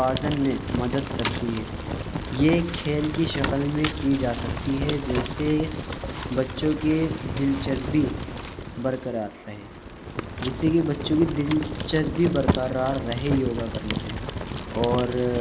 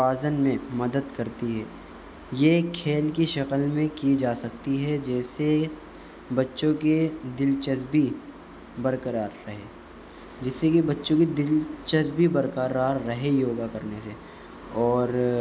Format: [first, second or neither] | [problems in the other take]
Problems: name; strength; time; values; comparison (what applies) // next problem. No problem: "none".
second | background sound (Fire); 5 dB below the speech